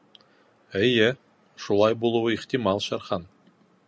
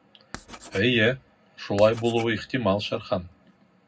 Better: first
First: none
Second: background sound (Writing); 19 dB below the speech // room echo; dies away in 0.3 s

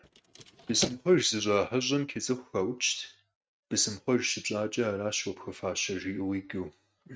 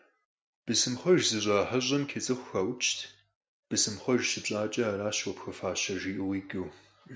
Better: second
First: noise reduction (neural mask model RNNoise)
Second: none

